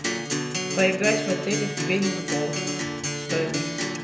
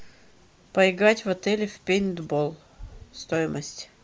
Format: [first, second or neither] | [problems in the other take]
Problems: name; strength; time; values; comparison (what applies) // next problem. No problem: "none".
second | background sound (Acoustic guitar); as loud as the speech // room echo; dies away in 0.8 s